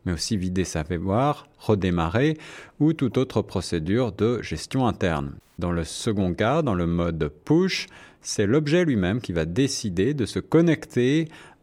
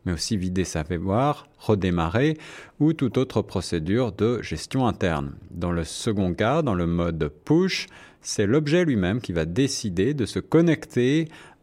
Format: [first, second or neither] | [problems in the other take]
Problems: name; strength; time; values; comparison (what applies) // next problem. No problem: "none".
second | audio cutting out; at 5.5 s